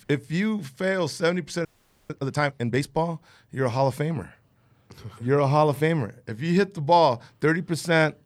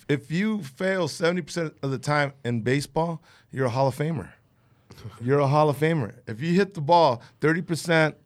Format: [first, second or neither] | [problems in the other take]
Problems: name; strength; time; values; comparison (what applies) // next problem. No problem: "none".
second | audio freezing; at 1.5 s